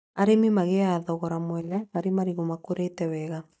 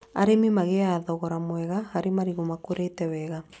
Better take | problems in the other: second | noise reduction (neural mask model DeepFilterNet 3)

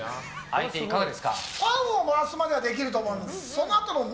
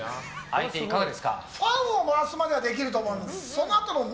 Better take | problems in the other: second | background sound (Tearing); 16 dB below the speech

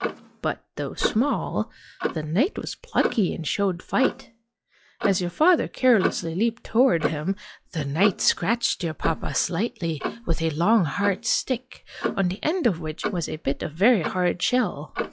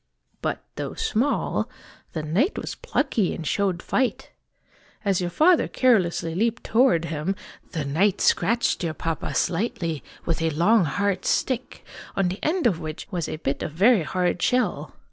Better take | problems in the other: second | noise reduction (classical method log-MMSE)

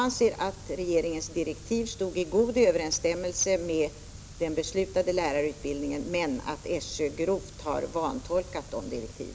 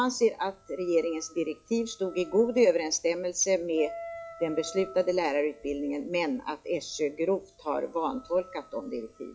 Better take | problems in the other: first | noise reduction (classical method log-MMSE)

